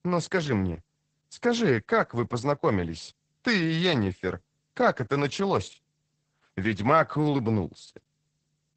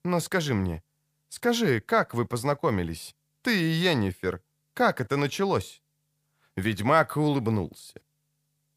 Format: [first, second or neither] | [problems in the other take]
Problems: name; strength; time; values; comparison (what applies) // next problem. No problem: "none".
second | garbled, watery; badly; nothing above 8 kHz